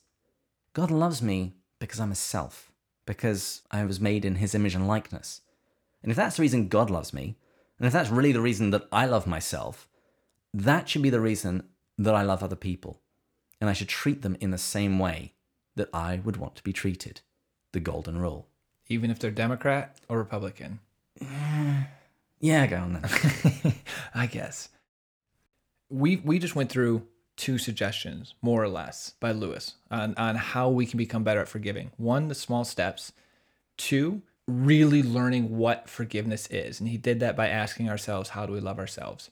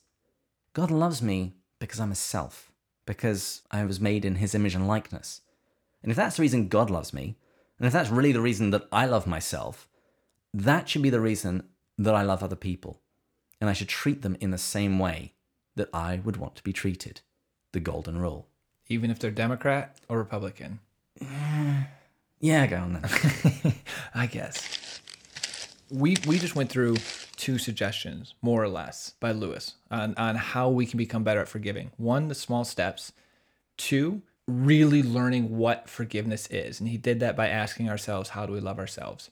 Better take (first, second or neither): first